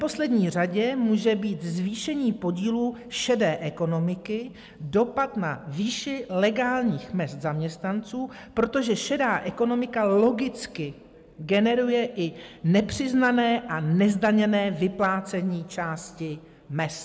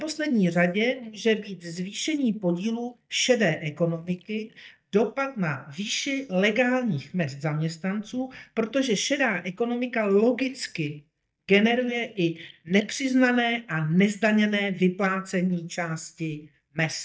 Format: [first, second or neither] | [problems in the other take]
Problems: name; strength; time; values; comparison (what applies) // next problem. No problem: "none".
first | noise reduction (neural mask model DeepFilterNet 3)